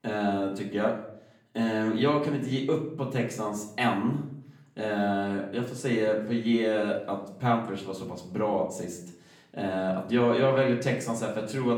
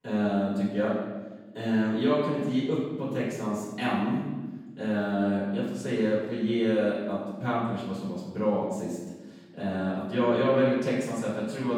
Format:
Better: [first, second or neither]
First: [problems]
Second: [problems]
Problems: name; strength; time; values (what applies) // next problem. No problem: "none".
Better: first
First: room echo; slight; dies away in 0.6 s // off-mic speech; far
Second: room echo; strong; dies away in 1.2 s // off-mic speech; far